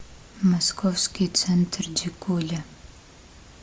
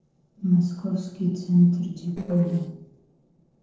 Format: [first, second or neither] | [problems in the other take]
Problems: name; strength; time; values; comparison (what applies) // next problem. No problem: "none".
first | noise reduction (neural separator model SepFormer DNS4)